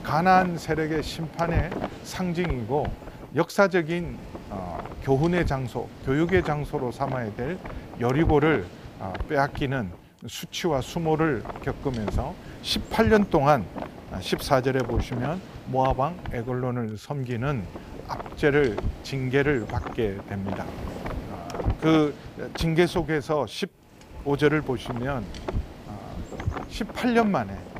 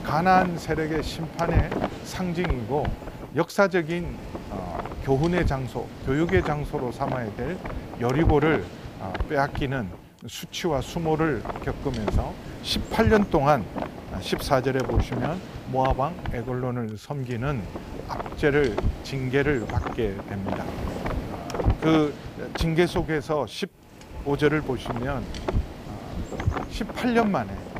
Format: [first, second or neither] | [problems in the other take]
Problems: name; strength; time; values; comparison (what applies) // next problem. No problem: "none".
first | wind noise on the microphone; heavy; 8 dB below the speech; occasional gusts in the first